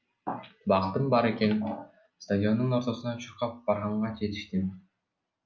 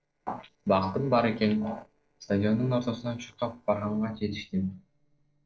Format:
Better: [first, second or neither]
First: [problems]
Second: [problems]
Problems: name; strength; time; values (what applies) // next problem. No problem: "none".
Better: first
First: none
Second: noise reduction (neural separator model SepFormer DNS4)